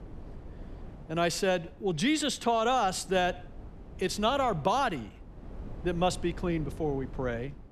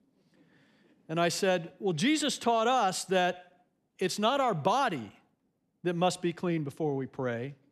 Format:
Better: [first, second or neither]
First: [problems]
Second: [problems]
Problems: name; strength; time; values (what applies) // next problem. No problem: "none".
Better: second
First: wind noise on the microphone; occasional gusts; 25 dB below the speech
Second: none